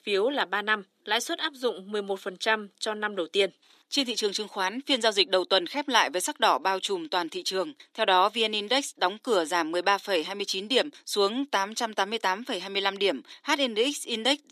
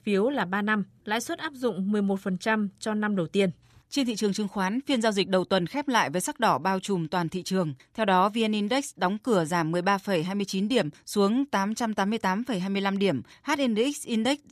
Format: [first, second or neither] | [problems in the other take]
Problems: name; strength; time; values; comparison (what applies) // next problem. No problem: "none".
second | thin; somewhat; fading below 300 Hz